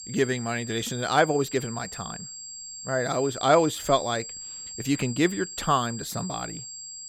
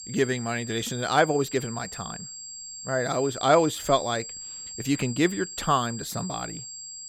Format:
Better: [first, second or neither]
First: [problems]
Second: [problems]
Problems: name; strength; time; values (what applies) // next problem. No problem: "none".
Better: neither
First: high-pitched whine; noticeable; throughout; 7.5 kHz, 10 dB below the speech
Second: high-pitched whine; noticeable; throughout; 7.5 kHz, 10 dB below the speech